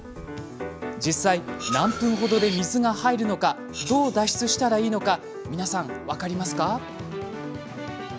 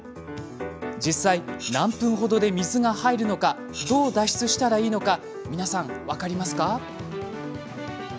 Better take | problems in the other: second | background sound (Breathing); 15 dB below the speech

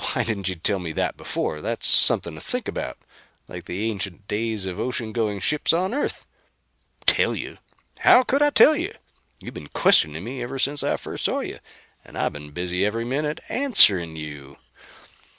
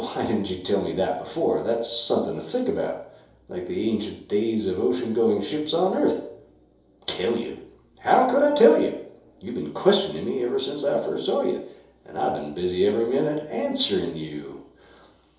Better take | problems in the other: first | room echo; dies away in 2.8 s

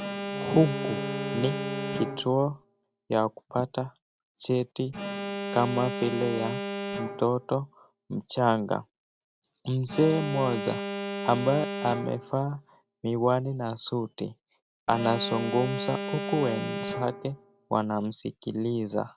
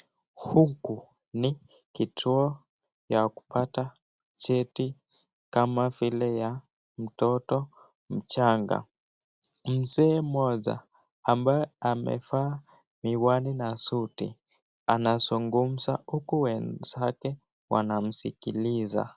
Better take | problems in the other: second | background sound (Alarm + Bowed string instrument); 7 dB below the speech

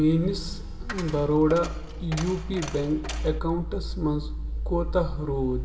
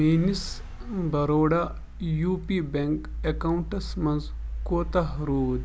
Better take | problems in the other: second | background sound (Coin (dropping)); 15 dB below the speech // room echo; dies away in 1.5 s

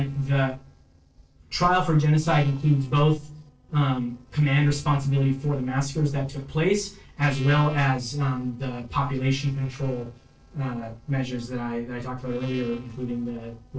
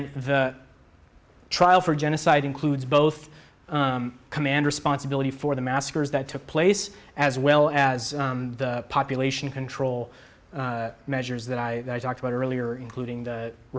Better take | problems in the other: second | noise reduction (neural separator model SepFormer DNS4)

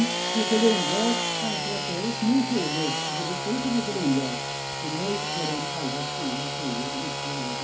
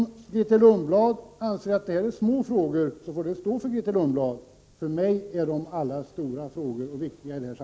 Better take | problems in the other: second | background sound (Sawing / Engine); 1 dB below the speech // room echo; dies away in 0.3 s

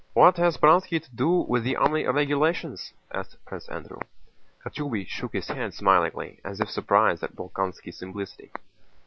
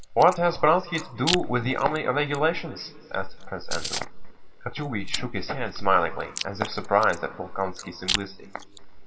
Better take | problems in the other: first | background sound (Chewing, mastication); 12 dB below the speech // room echo; dies away in 2 s

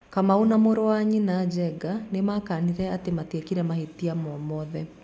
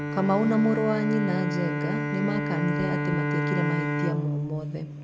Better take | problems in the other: first | background sound (Bowed string instrument); 1 dB below the speech

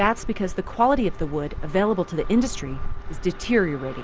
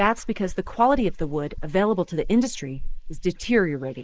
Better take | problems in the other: first | noise reduction (neural mask model Resemble Enhance denoiser)

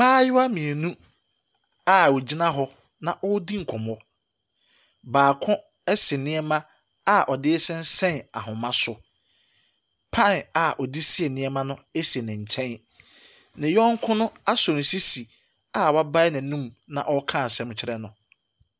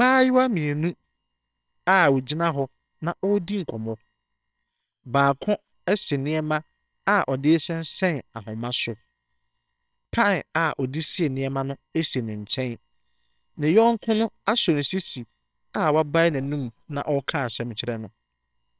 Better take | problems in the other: first | noise reduction (neural separator model SepFormer WHAMR!)

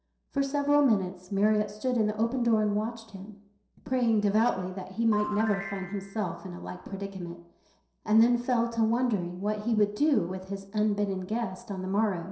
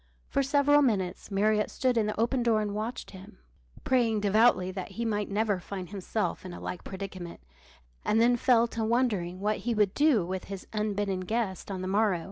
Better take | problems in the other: second | noise reduction (neural separator model SepFormer DNS4)

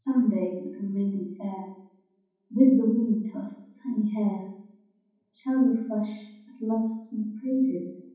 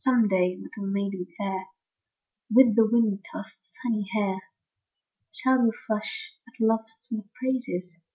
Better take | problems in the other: second | room echo; dies away in 0.9 s

